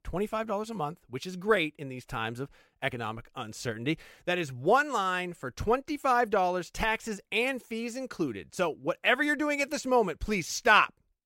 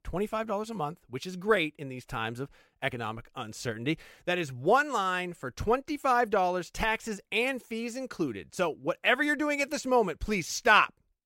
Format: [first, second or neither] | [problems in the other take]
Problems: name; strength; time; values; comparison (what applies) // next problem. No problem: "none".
neither | none